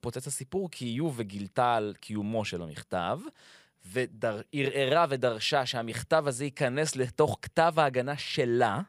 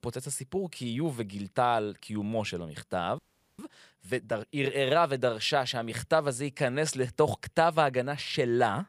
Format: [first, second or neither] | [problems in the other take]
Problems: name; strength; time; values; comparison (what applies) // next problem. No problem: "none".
first | audio freezing; at 3 s